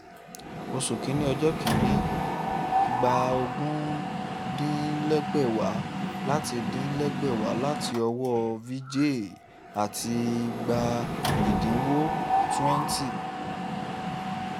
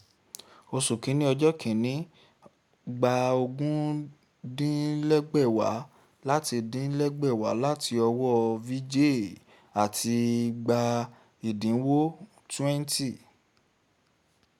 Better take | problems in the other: second | background sound (Mechanisms); as loud as the speech

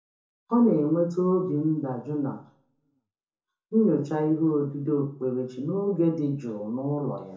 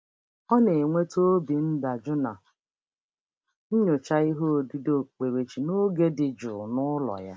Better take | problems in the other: second | room echo; dies away in 0.6 s

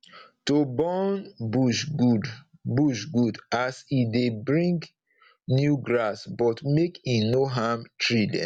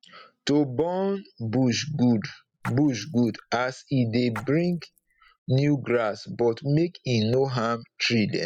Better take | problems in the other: first | noise reduction (classical method spectral subtraction)

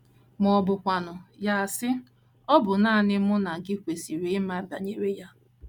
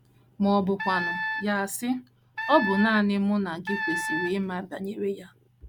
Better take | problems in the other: first | background sound (Wind instrument, woodwind instrument); 5 dB below the speech

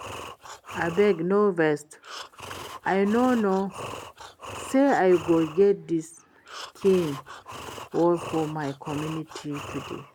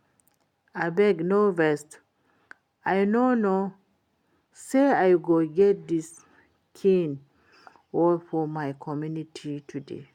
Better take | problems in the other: second | background sound (Breathing); 15 dB below the speech

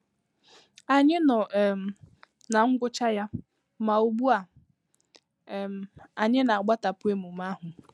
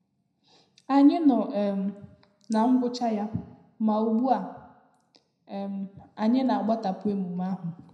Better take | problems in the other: first | room echo; dies away in 0.7 s

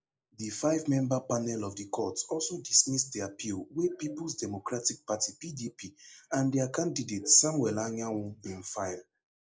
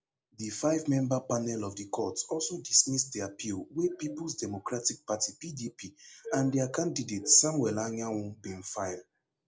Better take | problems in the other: second | noise reduction (neural mask model Resemble Enhance denoiser)

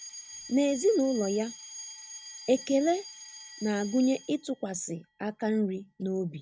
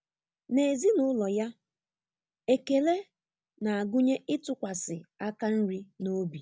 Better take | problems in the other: second | background sound (Alarm); 16 dB below the speech

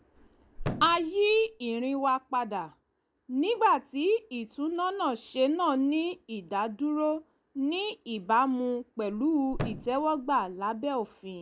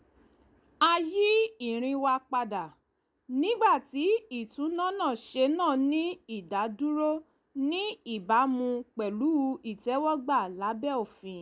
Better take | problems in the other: second | background sound (Thump, thud); 10 dB below the speech

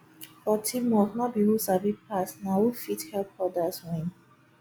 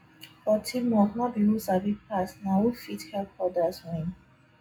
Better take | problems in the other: first | room echo; dies away in 0.3 s

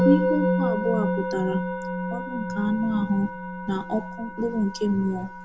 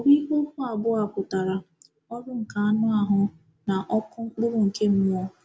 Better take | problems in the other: second | background sound (Musical instrument); 1 dB below the speech

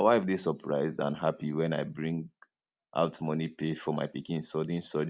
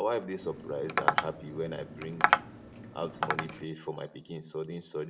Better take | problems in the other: first | background sound (Tap); 4 dB above the speech // room echo; dies away in 0.6 s

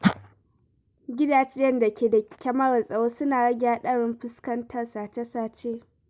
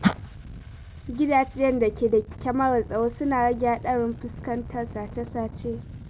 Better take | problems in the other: first | background sound (Engine starting); 13 dB below the speech

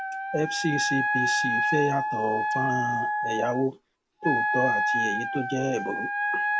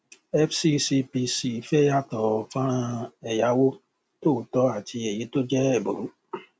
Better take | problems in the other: second | background sound (Wind instrument, woodwind instrument); 3 dB above the speech

